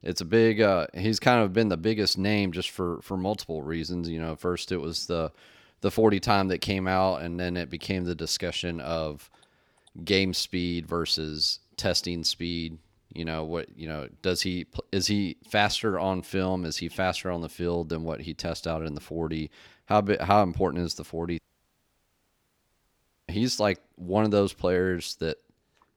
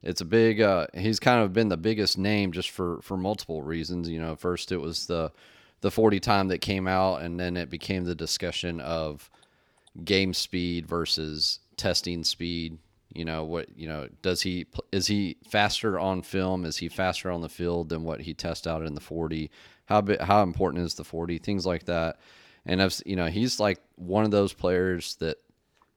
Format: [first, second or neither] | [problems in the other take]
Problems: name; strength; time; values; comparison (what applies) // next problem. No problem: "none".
second | audio cutting out; at 21 s for 2 s